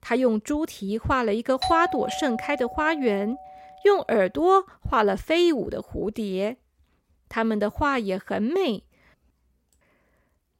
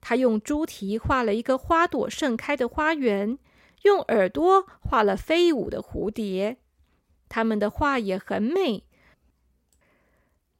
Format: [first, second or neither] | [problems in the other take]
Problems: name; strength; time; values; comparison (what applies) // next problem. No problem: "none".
second | doorbell; noticeable; from 1.5 to 3.5 s; peak 3 dB below the speech